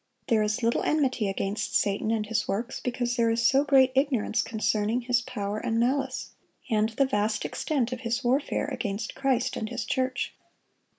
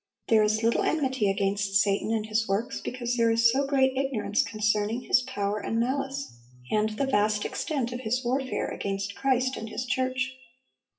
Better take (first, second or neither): first